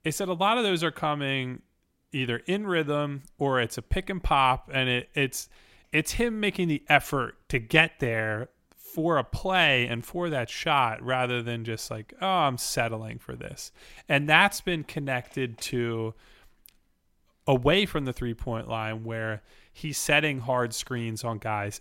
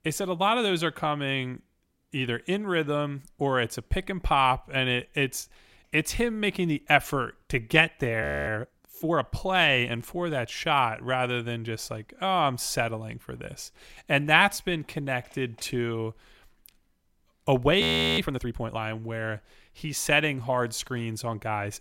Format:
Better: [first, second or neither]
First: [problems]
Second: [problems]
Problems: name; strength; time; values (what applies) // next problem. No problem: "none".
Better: first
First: none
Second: audio freezing; at 8 s and at 18 s